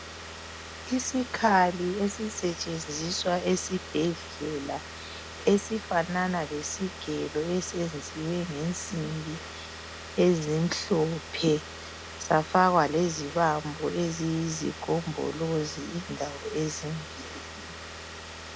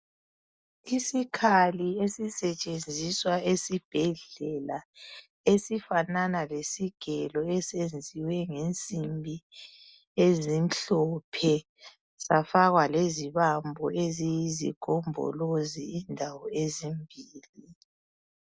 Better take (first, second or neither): second